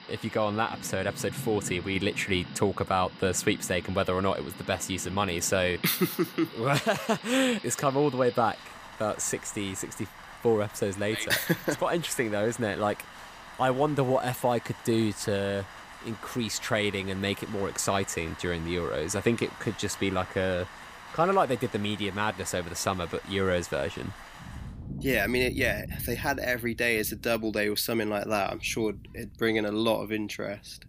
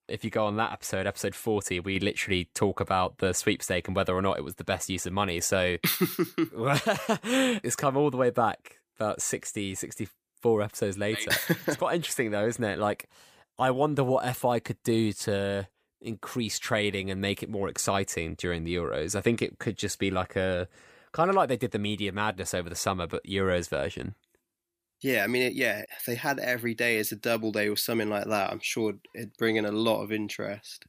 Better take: second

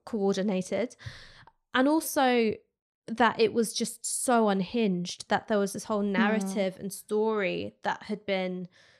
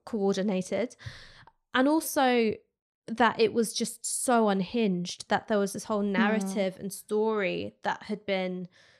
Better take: neither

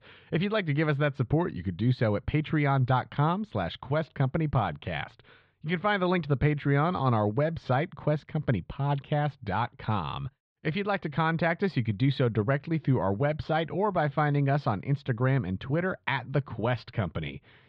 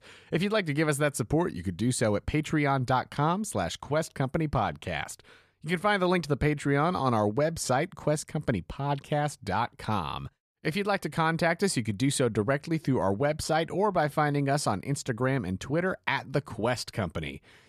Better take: second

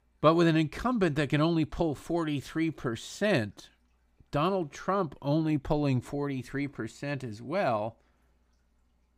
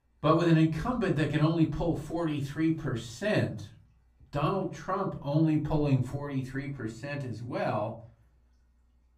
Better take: first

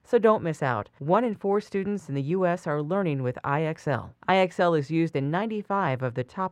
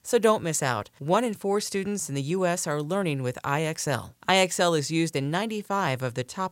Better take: second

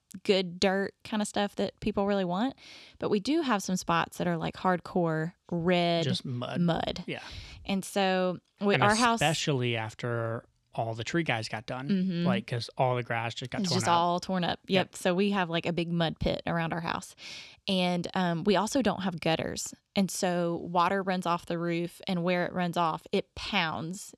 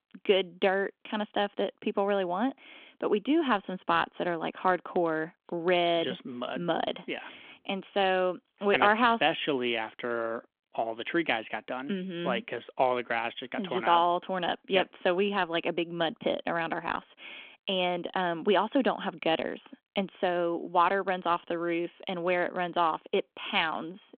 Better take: first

